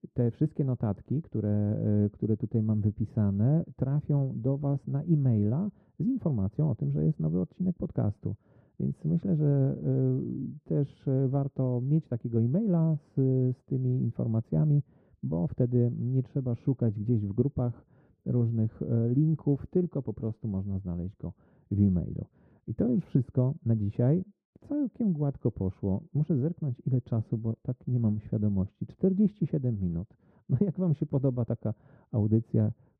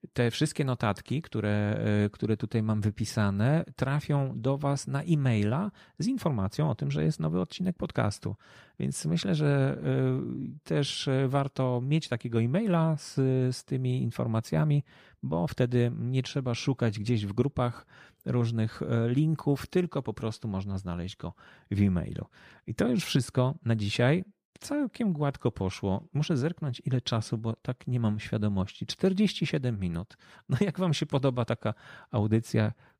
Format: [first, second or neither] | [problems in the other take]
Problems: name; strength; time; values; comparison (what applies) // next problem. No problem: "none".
second | muffled; very; fading above 1.5 kHz